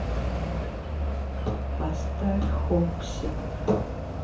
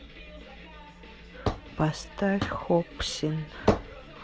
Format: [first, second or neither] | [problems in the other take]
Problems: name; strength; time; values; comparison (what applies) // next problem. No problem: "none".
second | background sound (Alarm / Truck); 3 dB above the speech // room echo; dies away in 0.6 s